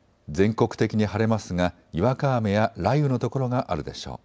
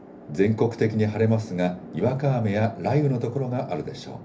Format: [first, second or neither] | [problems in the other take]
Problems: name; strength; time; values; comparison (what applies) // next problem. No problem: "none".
first | background sound (Chatter / Traffic noise, roadway noise / Train); 17 dB below the speech // room echo; dies away in 0.3 s